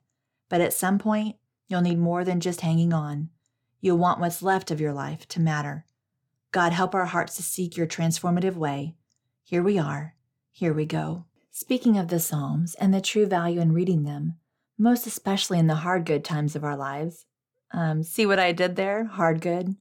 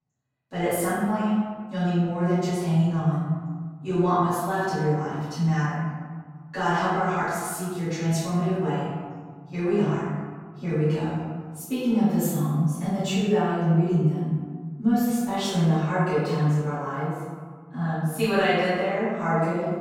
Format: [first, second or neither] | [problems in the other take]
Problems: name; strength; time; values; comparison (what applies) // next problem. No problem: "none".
first | room echo; strong; dies away in 1.5 s // off-mic speech; far